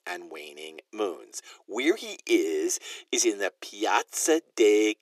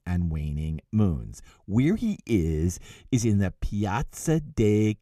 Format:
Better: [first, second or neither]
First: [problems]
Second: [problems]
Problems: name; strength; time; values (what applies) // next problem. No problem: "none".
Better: second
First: thin; very; fading below 350 Hz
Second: none